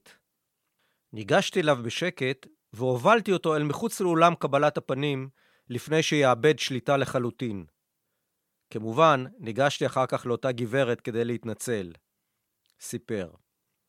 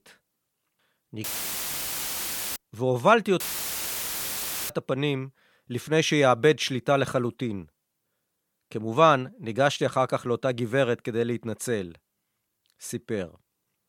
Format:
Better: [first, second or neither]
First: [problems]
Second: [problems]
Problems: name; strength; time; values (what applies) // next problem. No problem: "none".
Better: first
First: none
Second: audio cutting out; filled with static; at 1 s for 1.5 s and at 3.5 s for 1.5 s